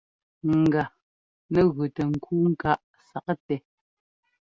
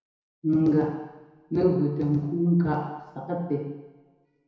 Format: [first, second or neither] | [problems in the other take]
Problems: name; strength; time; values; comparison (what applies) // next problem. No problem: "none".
first | room echo; dies away in 1 s